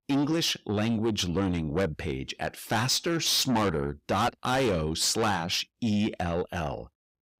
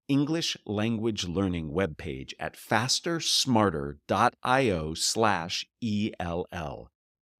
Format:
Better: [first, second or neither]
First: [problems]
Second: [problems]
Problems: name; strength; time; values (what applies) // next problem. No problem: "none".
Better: second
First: distortion; heavy; 7 dB below the speech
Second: none